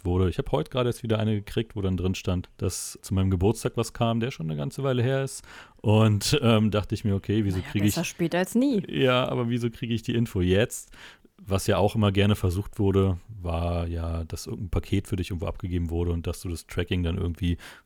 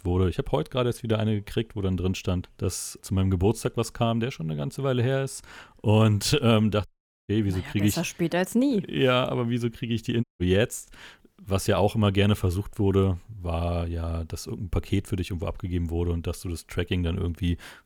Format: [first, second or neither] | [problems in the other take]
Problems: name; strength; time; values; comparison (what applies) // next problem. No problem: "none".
first | audio cutting out; at 7 s and at 10 s